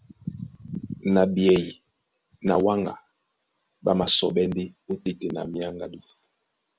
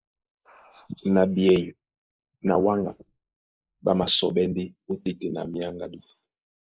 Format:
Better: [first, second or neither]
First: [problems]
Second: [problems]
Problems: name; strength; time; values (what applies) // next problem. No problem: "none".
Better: first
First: none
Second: noise reduction (neural mask model Resemble Enhance denoiser)